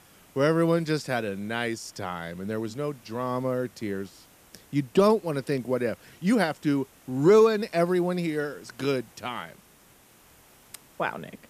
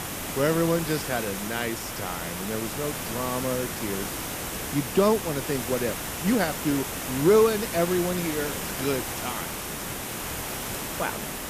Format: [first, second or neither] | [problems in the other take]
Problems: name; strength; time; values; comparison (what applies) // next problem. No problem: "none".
first | hiss; loud; throughout; 4 dB below the speech; faint in the first